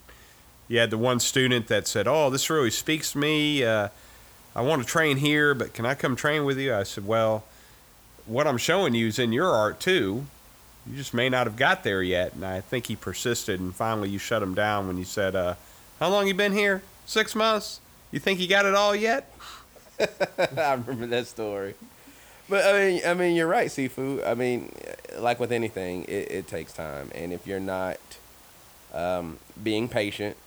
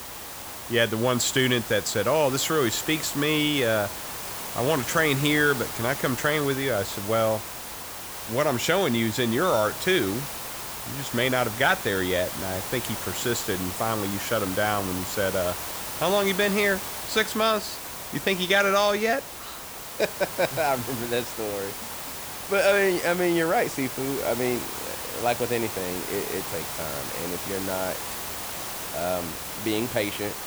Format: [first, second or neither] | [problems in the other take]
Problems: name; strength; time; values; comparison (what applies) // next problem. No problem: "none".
first | hiss; loud; throughout; 7 dB below the speech; faint in the first